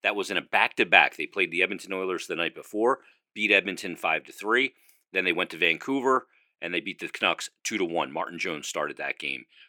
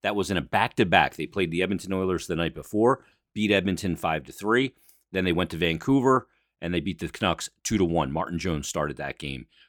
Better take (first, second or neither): second